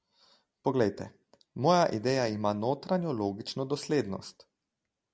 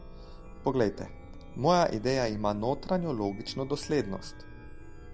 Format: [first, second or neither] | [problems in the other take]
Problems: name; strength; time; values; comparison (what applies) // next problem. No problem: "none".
first | background sound (Chime); 13 dB below the speech